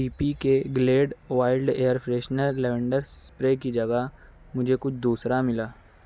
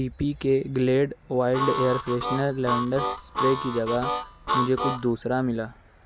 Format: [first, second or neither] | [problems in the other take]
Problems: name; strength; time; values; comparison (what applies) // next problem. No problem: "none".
first | background sound (Harmonica); 3 dB below the speech